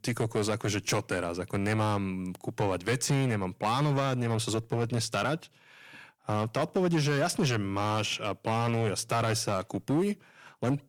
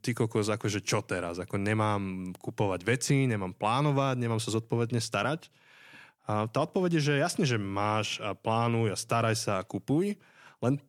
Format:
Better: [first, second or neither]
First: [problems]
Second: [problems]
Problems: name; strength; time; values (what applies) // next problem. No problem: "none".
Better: second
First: distortion; slight; 9% of the sound clipped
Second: none